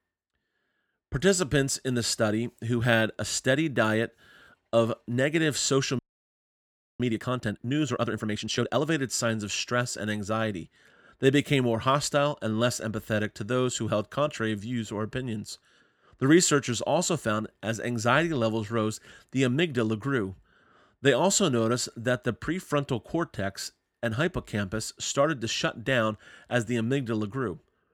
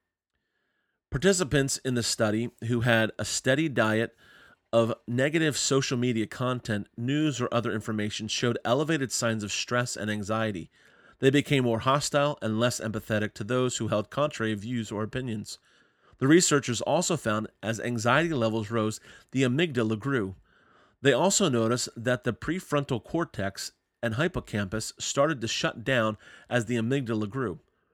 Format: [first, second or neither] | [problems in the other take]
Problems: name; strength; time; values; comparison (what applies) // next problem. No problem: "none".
second | audio freezing; at 6 s for 1 s